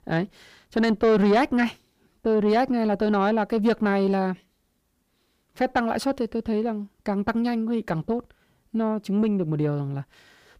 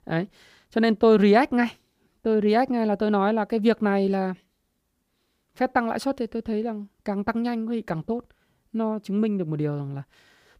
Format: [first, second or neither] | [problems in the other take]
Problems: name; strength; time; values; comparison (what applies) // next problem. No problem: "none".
second | distortion; slight; 10 dB below the speech